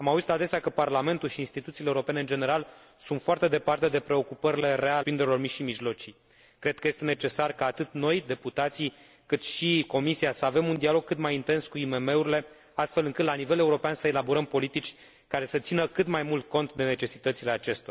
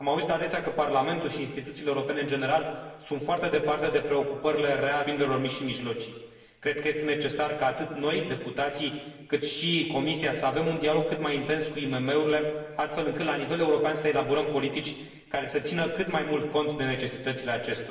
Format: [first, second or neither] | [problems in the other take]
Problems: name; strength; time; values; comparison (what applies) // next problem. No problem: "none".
first | room echo; dies away in 1.2 s